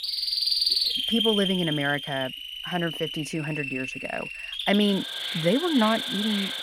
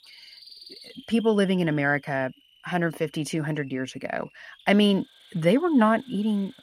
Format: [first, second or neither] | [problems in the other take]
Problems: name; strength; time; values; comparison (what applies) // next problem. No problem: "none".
second | animal sounds; loud; throughout; as loud as the speech; faint in the second